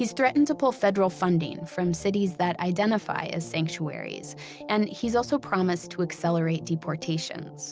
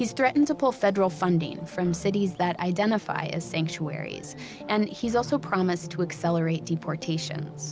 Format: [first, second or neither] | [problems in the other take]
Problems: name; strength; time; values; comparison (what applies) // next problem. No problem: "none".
first | background sound (Bird); 16 dB below the speech